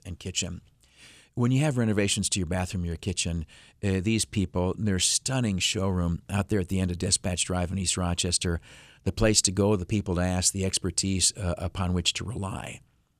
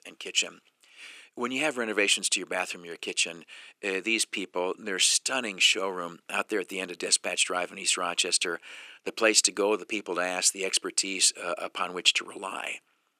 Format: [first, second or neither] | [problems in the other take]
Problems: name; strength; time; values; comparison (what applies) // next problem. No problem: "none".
first | thin; very; fading below 300 Hz